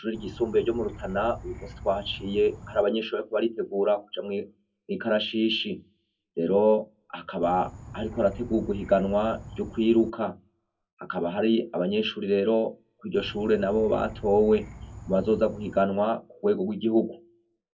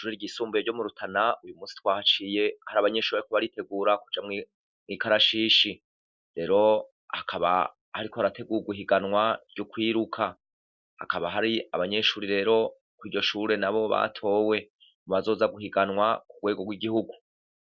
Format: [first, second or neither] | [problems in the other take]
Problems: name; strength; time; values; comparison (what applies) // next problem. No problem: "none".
second | background sound (Insect); 15 dB below the speech // room echo; dies away in 0.3 s